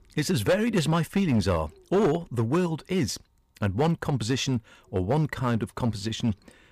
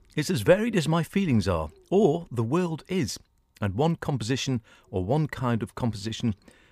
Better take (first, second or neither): second